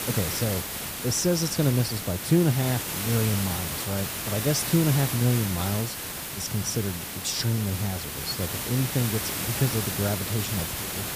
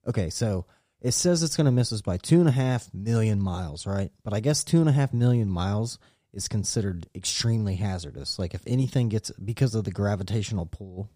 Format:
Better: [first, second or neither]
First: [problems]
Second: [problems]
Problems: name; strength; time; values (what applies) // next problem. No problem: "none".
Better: second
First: hiss; loud; throughout; 3 dB below the speech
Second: none